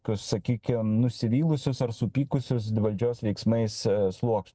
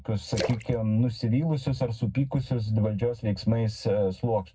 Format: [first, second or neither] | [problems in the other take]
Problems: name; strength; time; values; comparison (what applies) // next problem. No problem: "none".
first | background sound (Splash, splatter); 13 dB below the speech // room echo; dies away in 0.3 s